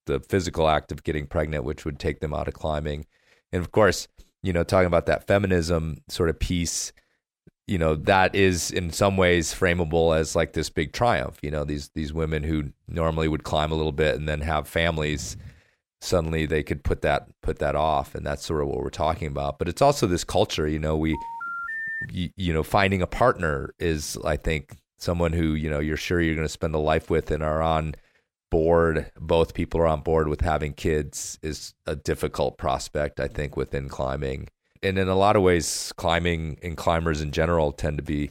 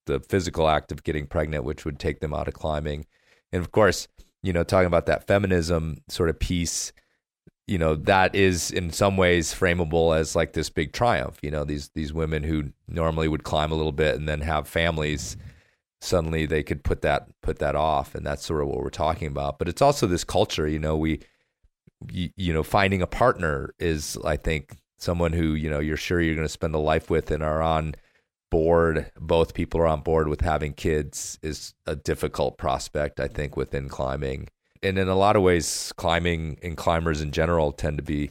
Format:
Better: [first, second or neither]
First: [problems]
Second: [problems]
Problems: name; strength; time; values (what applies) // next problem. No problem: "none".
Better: second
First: phone ringing; noticeable; at 21 s; peak 4 dB below the speech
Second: none